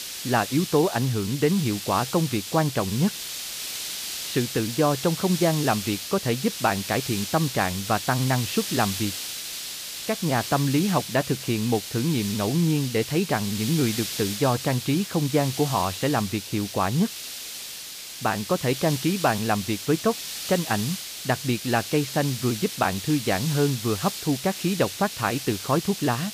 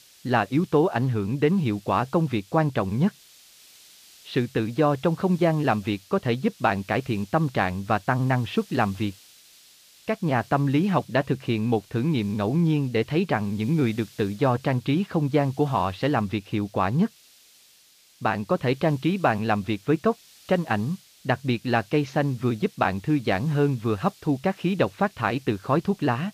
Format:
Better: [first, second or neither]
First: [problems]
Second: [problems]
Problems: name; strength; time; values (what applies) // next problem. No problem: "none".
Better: second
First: hiss; loud; throughout; 7 dB below the speech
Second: hiss; faint; throughout; 25 dB below the speech